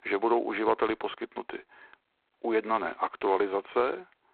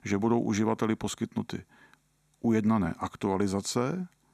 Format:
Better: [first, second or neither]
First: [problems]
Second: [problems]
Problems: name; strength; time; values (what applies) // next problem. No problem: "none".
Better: second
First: phone-call audio; poor line; nothing above 3.5 kHz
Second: none